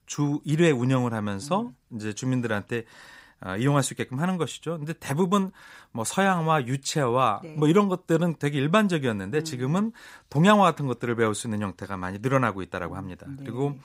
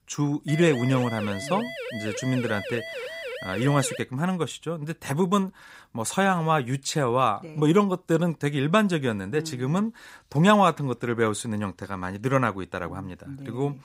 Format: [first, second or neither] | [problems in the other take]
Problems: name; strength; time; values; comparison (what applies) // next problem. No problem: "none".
first | siren; noticeable; until 4 s; peak 8 dB below the speech